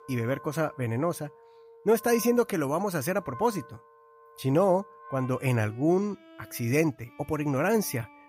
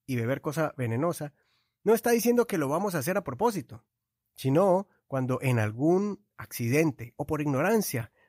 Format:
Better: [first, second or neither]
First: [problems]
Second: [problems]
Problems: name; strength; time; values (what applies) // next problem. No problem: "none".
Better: second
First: background music; faint; throughout; 20 dB below the speech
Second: none